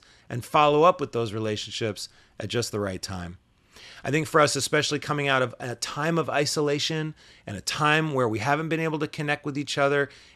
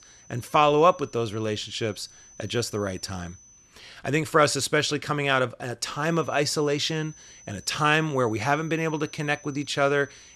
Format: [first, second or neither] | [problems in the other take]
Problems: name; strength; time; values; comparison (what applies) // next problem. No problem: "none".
first | high-pitched whine; faint; until 3.5 s and from 6 s on; 6 kHz, 25 dB below the speech